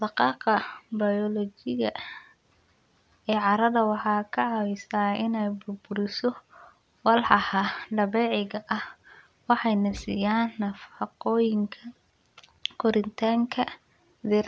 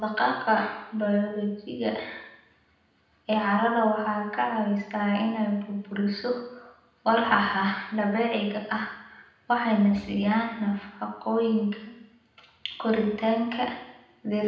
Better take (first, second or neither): first